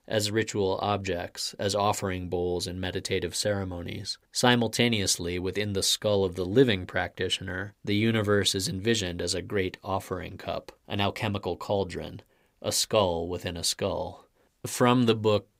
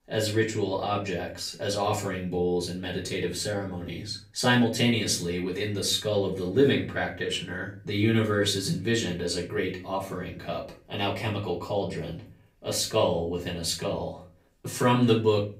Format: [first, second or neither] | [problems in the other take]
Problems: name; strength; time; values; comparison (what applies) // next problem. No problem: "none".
first | off-mic speech; far // room echo; slight; dies away in 0.3 s